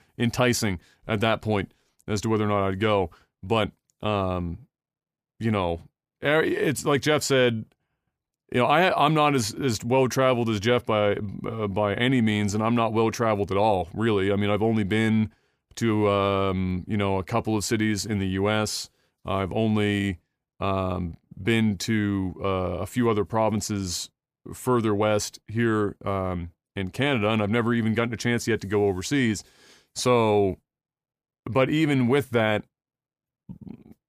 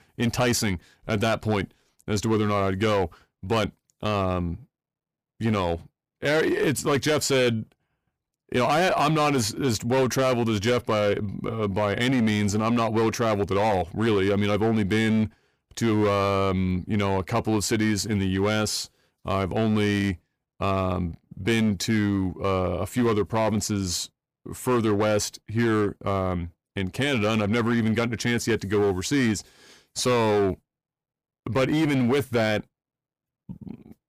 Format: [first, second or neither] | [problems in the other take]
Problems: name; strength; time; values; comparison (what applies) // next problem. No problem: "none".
first | distortion; slight; 10% of the sound clipped